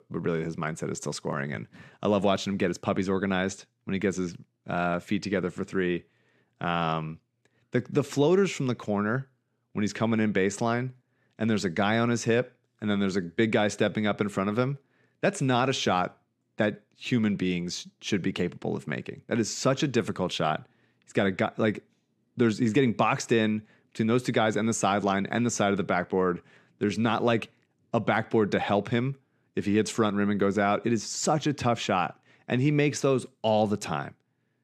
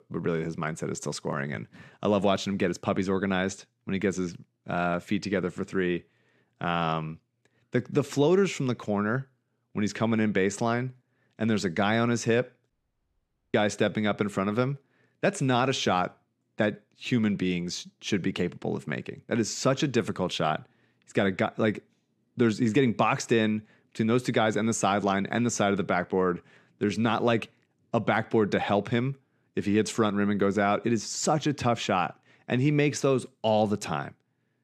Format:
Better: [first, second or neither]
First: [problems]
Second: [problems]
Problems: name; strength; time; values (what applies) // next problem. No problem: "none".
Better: first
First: none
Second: audio cutting out; at 13 s for 1 s